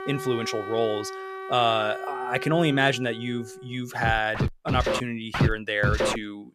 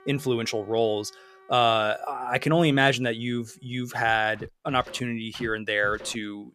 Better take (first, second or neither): second